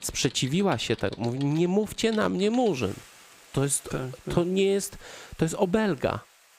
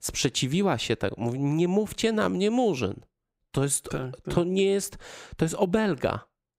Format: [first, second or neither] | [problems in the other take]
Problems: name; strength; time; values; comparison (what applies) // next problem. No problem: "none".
second | household noises; faint; throughout; 20 dB below the speech